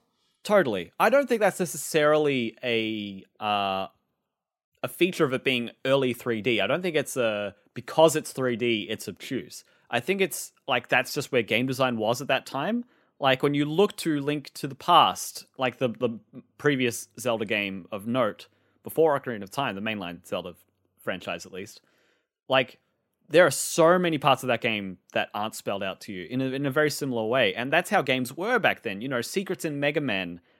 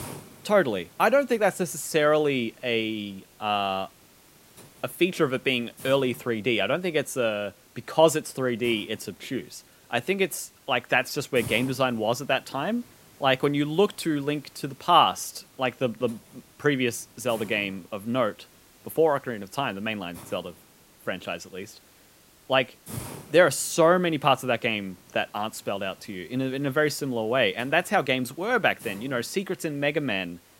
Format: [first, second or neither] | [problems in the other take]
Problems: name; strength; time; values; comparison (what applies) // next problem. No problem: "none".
first | hiss; faint; throughout; 25 dB below the speech